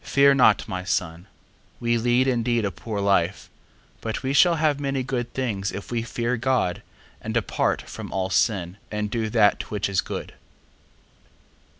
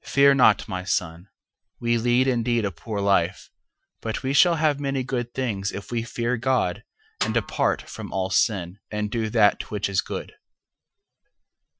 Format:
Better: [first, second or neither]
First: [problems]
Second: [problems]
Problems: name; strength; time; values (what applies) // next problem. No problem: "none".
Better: first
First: none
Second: noise reduction (classical method Wiener filter)